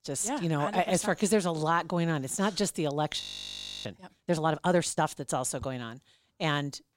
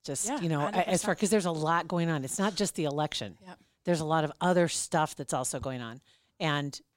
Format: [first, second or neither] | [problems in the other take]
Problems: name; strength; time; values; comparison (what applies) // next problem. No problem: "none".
second | audio freezing; at 3 s for 0.5 s